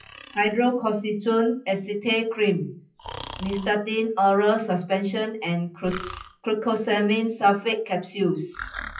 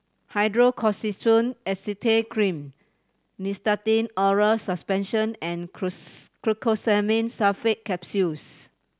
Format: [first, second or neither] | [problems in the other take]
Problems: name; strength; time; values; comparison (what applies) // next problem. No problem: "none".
second | noise reduction (classical method WPE with log-MMSE)